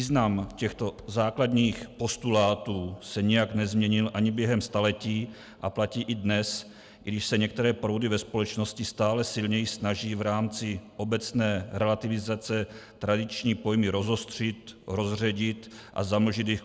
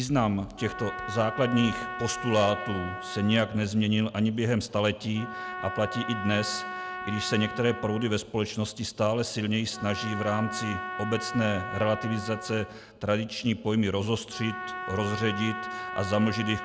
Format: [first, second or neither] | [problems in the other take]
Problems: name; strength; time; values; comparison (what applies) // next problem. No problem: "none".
first | background sound (Trumpet); 9 dB below the speech